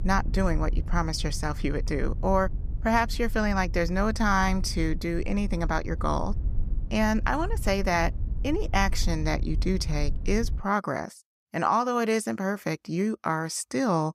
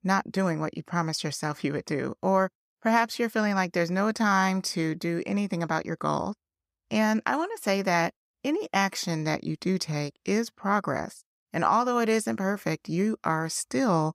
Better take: second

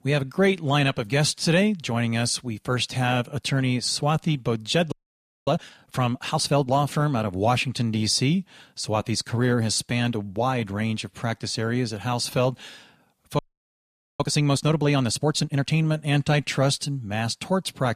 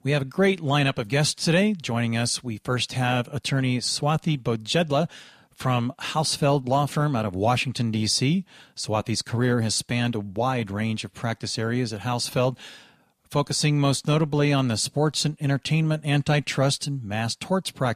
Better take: second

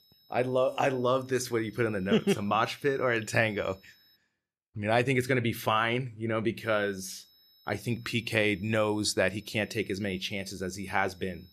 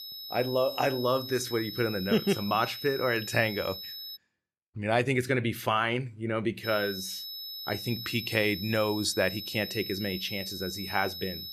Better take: first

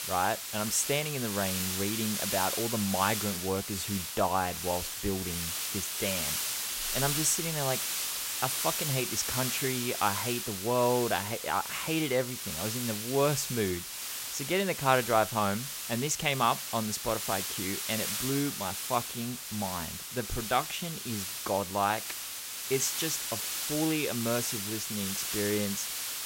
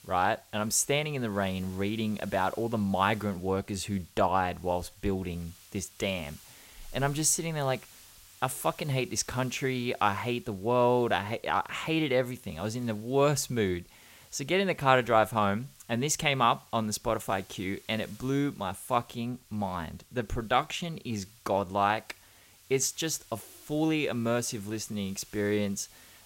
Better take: second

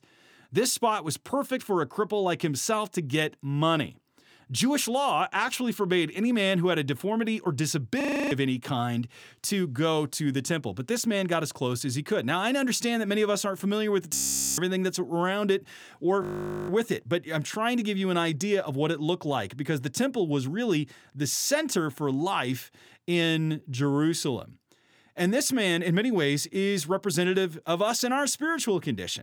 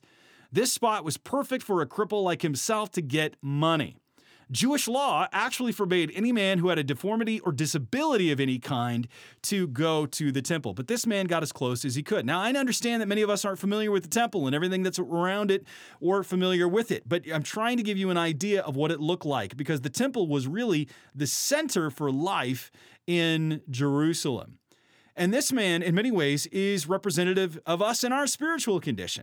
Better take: second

